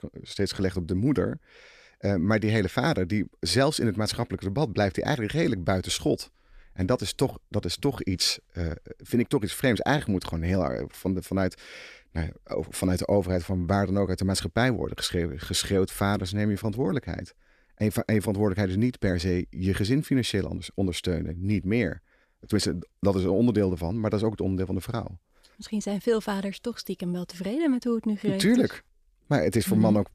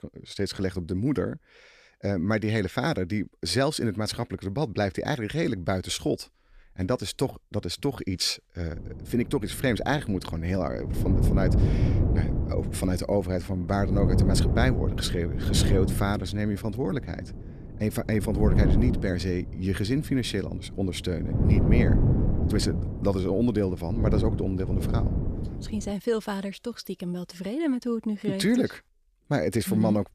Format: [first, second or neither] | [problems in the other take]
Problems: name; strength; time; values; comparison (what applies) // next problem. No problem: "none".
first | wind noise on the microphone; heavy; from 8.5 to 26 s; 5 dB below the speech